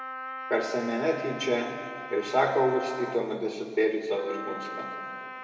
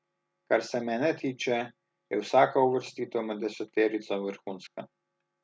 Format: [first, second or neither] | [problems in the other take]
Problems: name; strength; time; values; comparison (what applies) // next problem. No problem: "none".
second | background sound (Wind instrument, woodwind instrument); 11 dB below the speech // room echo; dies away in 2.1 s